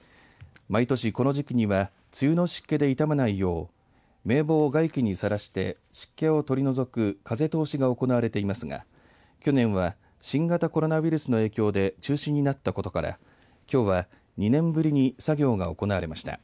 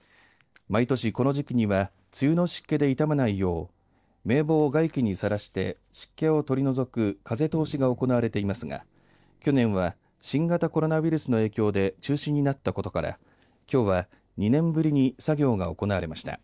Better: first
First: none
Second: noise reduction (neural separator model SepFormer DNS4)

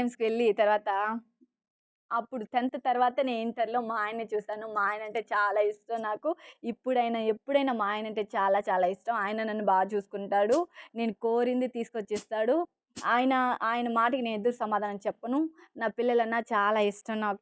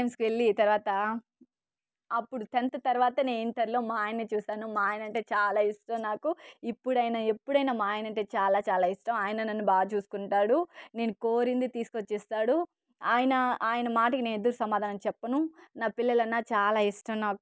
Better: second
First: noise reduction (classical method log-MMSE)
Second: none

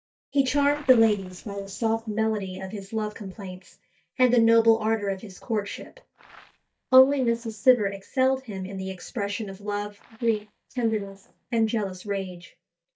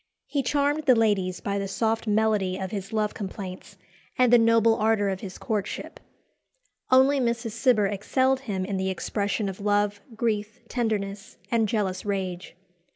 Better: second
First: noise reduction (neural mask model DeepFilterNet 3)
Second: none

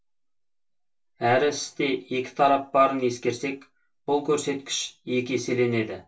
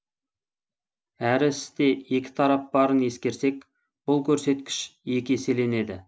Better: second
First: room echo; dies away in 0.2 s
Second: none

